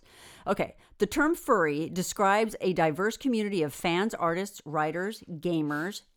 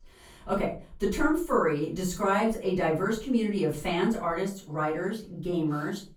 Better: first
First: none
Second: off-mic speech; far // room echo; slight; dies away in 0.4 s

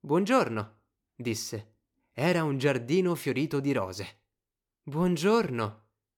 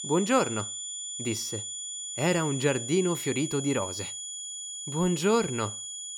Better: first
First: none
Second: high-pitched whine; loud; throughout; 7 kHz, 6 dB below the speech

